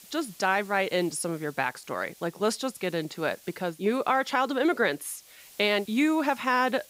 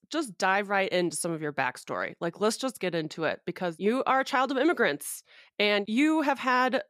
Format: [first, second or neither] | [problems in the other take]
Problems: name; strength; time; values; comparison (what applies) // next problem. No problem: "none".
second | hiss; faint; throughout; 25 dB below the speech